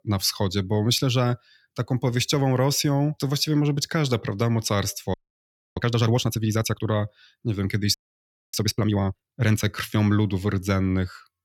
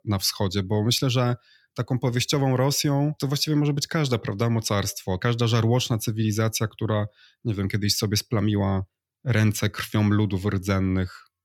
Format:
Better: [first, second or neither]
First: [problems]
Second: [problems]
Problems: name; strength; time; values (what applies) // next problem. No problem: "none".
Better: second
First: audio freezing; at 5 s for 0.5 s and at 8 s for 0.5 s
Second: none